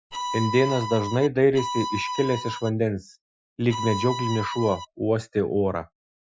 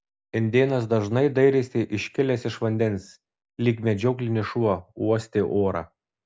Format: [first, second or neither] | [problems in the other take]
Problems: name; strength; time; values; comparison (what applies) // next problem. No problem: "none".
second | noise reduction (classical method Wiener filter)